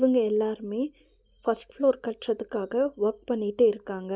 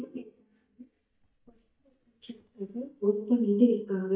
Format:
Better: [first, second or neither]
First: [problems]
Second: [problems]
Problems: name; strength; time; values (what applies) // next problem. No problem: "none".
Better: first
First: none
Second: noise reduction (neural mask model DeepFilterNet 3)